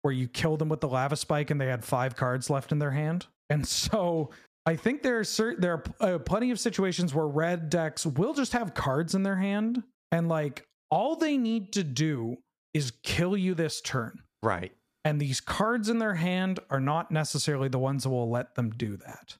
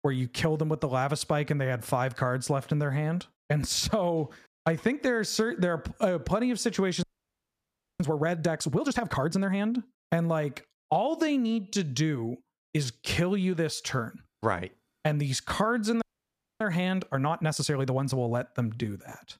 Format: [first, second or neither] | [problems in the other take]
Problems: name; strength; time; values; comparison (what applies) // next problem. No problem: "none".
first | audio freezing; at 7 s for 1 s and at 16 s for 0.5 s